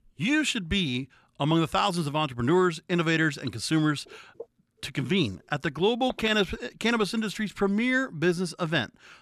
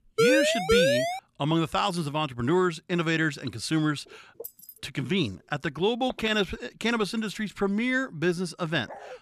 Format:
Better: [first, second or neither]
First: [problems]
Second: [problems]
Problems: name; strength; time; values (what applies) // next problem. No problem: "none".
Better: first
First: none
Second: siren; loud; until 1 s; peak 6 dB above the speech // jangling keys; faint; at 4.5 s; peak 15 dB below the speech // dog barking; very faint; at 9 s; peak 15 dB below the speech